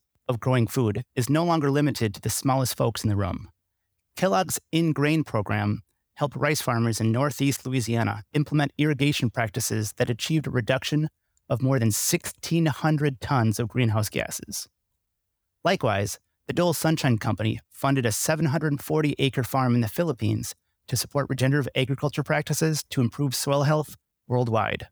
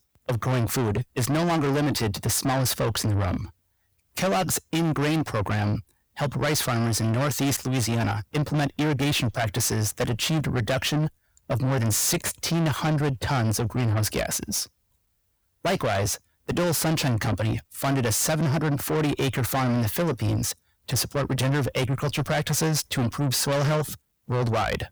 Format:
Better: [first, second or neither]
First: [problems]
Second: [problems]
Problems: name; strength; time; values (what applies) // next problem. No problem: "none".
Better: first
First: none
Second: distortion; heavy; 5 dB below the speech